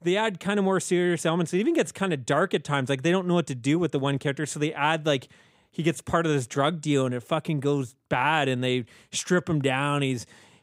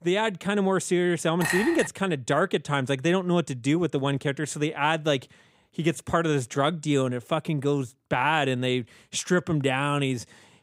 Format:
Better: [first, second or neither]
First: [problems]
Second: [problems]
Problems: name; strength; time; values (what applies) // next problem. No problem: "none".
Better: first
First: none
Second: clattering dishes; noticeable; at 1.5 s; peak 1 dB below the speech